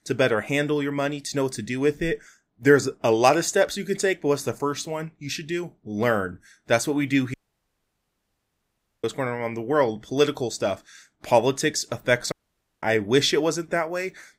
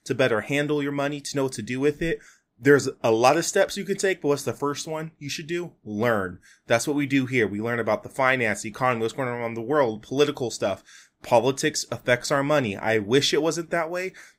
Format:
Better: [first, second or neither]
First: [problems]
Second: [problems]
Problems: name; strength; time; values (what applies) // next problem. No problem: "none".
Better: second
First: audio cutting out; at 7.5 s for 1.5 s and at 12 s for 0.5 s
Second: none